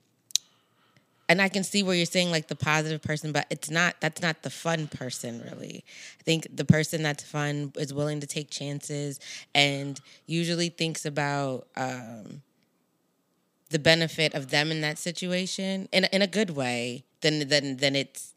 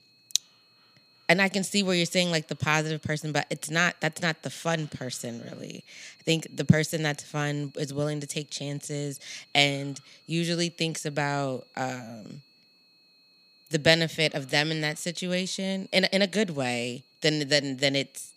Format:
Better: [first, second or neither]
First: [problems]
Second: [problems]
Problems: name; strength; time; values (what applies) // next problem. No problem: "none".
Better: first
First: none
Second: high-pitched whine; faint; throughout; 4.5 kHz, 30 dB below the speech